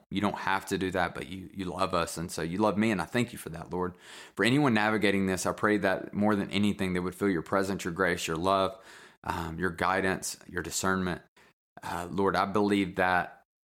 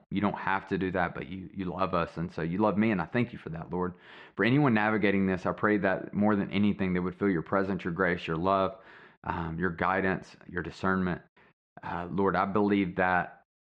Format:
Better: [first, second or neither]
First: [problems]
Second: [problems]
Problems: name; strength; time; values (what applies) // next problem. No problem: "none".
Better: first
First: none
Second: muffled; very; fading above 3 kHz